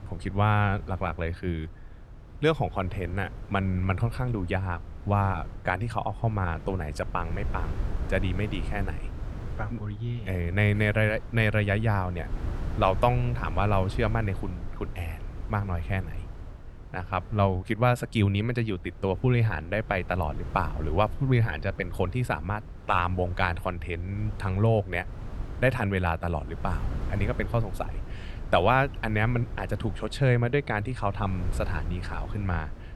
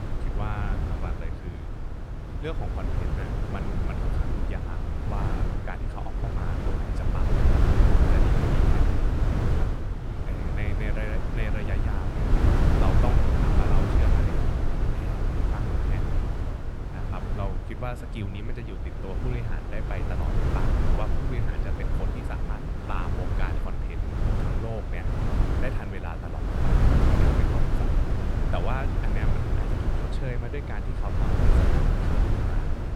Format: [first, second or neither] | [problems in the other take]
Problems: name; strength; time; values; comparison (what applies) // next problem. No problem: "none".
first | wind noise on the microphone; heavy; 4 dB above the speech; occasional gusts in the first